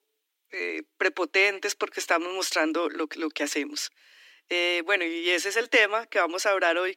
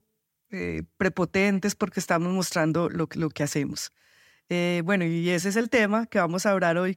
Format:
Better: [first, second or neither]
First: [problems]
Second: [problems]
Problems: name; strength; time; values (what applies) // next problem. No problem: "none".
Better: second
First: thin; very; fading below 300 Hz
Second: none